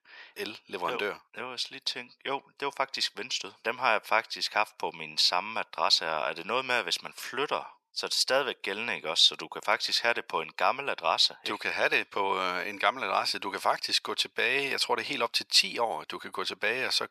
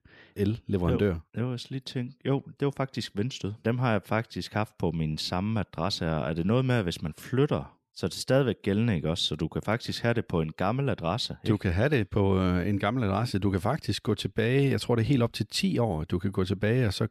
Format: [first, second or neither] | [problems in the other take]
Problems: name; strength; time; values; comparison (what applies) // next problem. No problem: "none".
second | thin; very; fading below 850 Hz